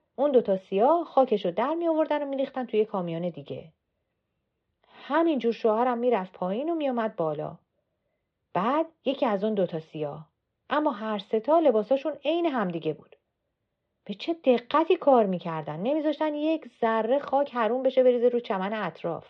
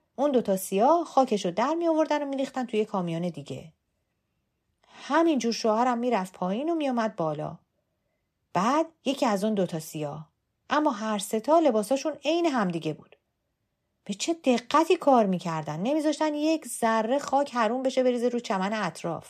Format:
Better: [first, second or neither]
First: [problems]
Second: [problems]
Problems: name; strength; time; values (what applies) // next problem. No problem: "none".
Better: second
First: muffled; very; fading above 4 kHz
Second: none